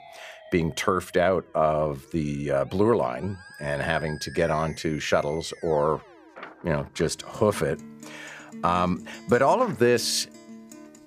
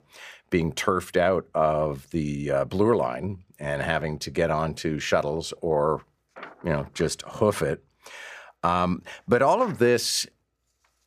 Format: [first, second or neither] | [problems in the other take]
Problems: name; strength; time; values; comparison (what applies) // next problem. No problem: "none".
second | background music; noticeable; throughout; 20 dB below the speech